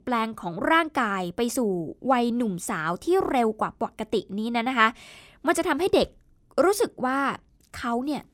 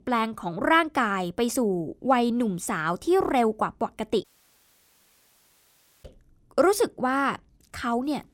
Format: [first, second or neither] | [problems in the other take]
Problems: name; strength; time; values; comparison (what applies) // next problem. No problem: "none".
first | audio cutting out; at 4 s for 2 s